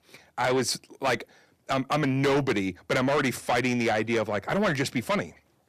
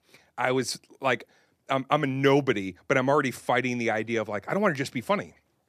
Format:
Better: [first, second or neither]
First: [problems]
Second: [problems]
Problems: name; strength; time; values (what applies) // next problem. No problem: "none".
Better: second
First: distortion; heavy; 6 dB below the speech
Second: none